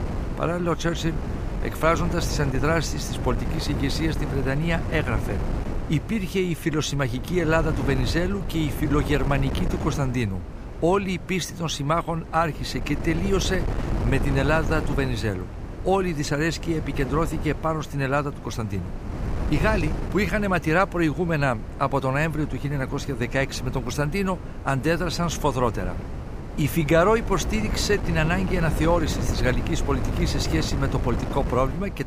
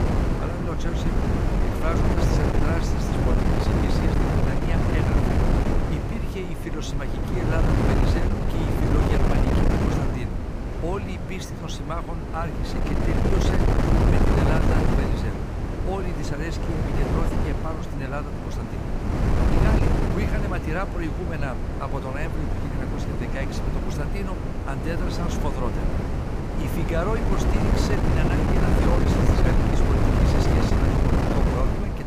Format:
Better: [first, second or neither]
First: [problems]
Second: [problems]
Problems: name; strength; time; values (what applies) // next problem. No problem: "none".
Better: first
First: wind noise on the microphone; occasional gusts; 10 dB below the speech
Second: wind noise on the microphone; heavy; 4 dB above the speech